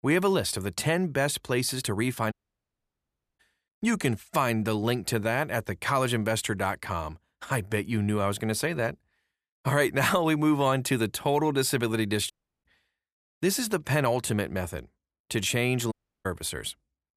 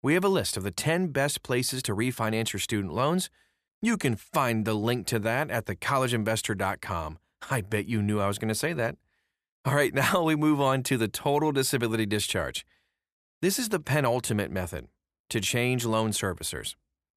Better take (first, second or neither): second